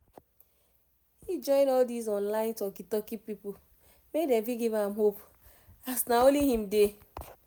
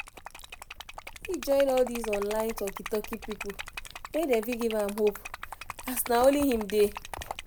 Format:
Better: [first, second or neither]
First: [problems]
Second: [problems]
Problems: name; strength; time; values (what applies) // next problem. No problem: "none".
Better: first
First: none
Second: background sound (Liquid); 11 dB below the speech